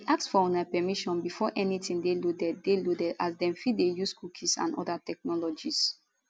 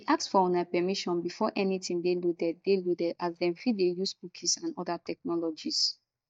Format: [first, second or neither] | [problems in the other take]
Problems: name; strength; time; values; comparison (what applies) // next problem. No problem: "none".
first | noise reduction (neural mask model DeepFilterNet 3)